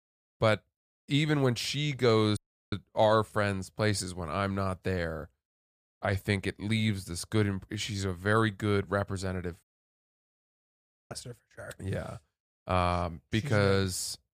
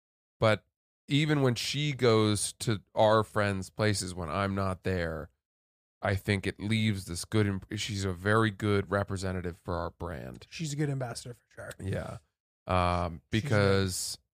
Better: second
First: audio cutting out; at 2.5 s and at 9.5 s for 1.5 s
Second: none

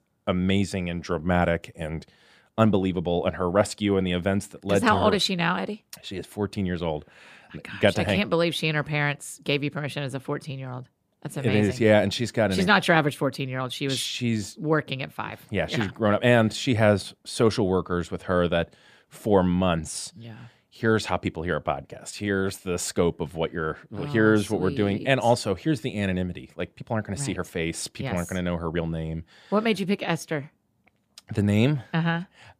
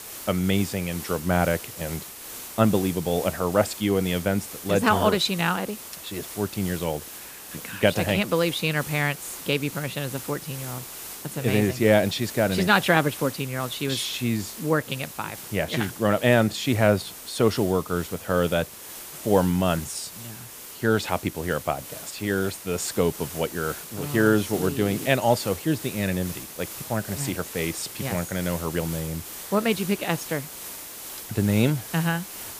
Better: first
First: none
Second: hiss; noticeable; throughout; 10 dB below the speech

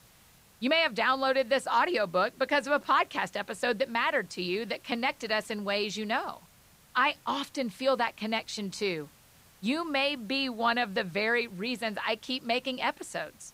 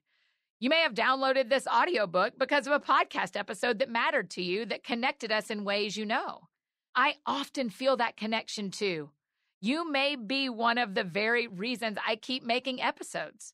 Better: second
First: hiss; faint; throughout; 30 dB below the speech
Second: none

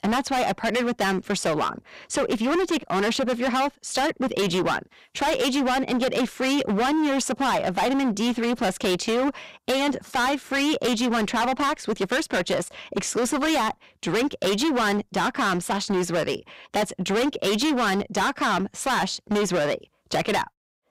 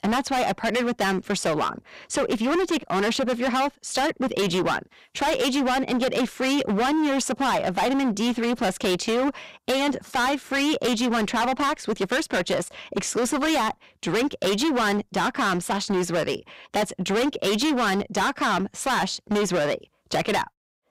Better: neither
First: distortion; heavy; 26% of the sound clipped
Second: distortion; heavy; 26% of the sound clipped

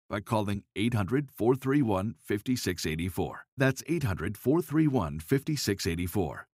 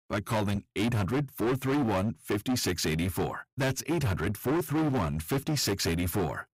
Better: first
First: none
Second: distortion; heavy; 22% of the sound clipped

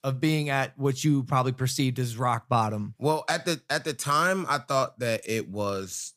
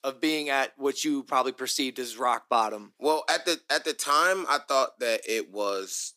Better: first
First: none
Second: thin; somewhat; fading below 300 Hz

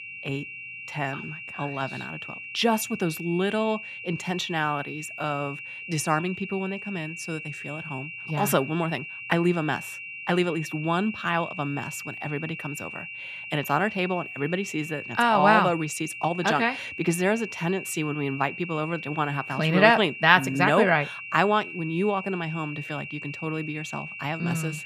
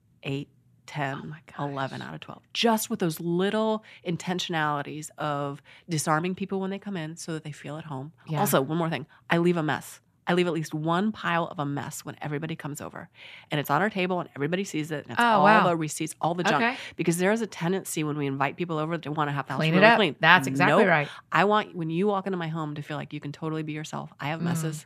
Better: second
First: high-pitched whine; loud; throughout; 2.5 kHz, 10 dB below the speech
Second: none

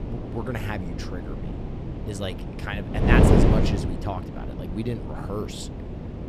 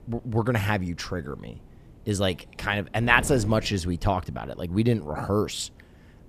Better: second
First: wind noise on the microphone; heavy; 1 dB above the speech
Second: wind noise on the microphone; occasional gusts; 25 dB below the speech

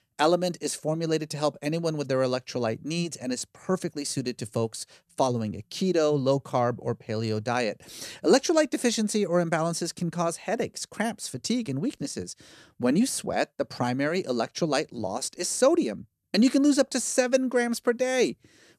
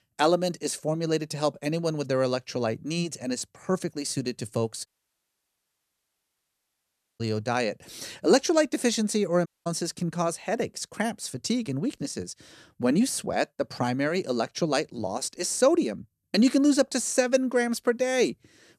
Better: first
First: none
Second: audio cutting out; at 5 s for 2.5 s and at 9.5 s

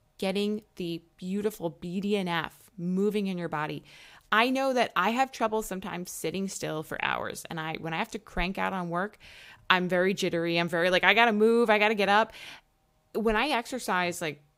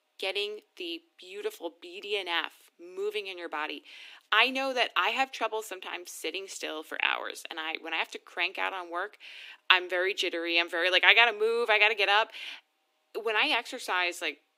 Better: first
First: none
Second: thin; very; fading below 250 Hz

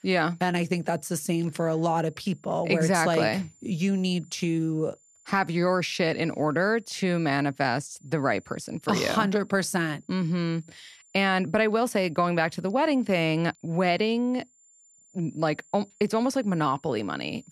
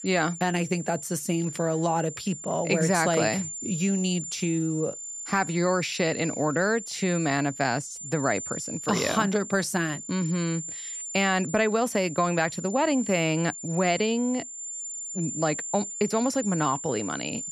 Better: first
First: high-pitched whine; faint; throughout; 7 kHz, 30 dB below the speech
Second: high-pitched whine; loud; throughout; 7 kHz, 8 dB below the speech

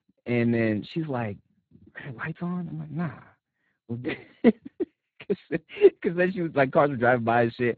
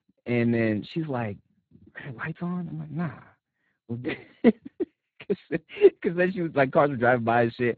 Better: neither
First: garbled, watery; badly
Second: garbled, watery; badly

